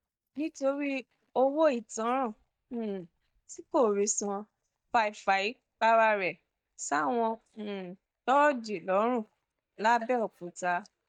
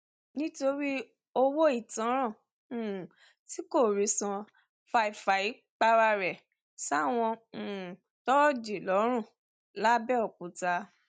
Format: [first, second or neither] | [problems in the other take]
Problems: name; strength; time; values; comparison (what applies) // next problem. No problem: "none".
second | noise reduction (neural mask model DeepFilterNet 3)